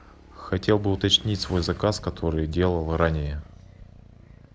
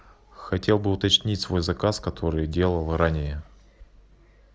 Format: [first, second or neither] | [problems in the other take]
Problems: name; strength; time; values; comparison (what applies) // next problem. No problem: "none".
second | background sound (Motorcycle / Engine); 19 dB below the speech